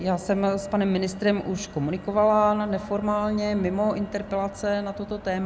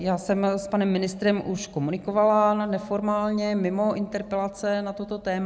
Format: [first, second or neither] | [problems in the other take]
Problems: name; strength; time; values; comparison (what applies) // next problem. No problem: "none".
second | background sound (Motor vehicle (road)); 18 dB below the speech